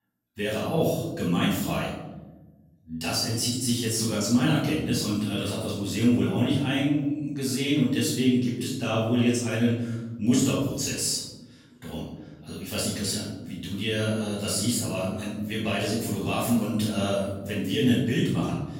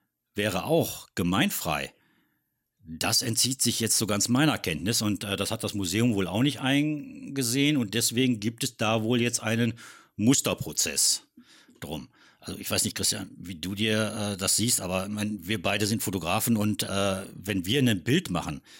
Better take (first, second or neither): second